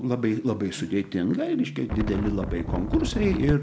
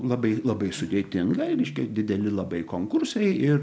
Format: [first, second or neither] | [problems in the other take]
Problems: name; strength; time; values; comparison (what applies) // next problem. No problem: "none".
second | background sound (Wind); 4 dB below the speech